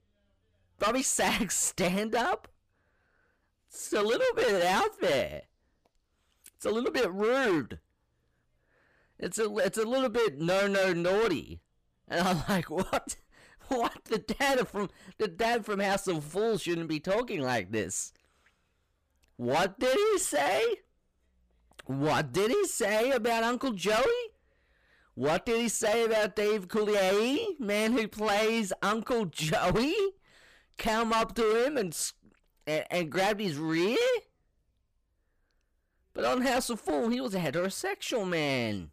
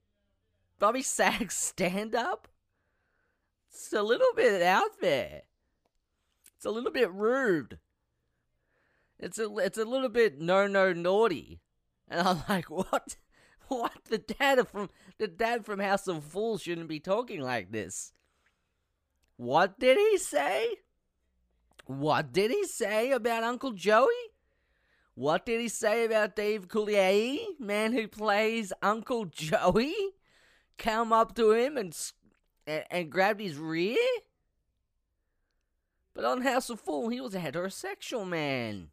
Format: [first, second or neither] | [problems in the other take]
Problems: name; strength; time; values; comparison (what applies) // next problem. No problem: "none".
second | distortion; heavy; 15% of the sound clipped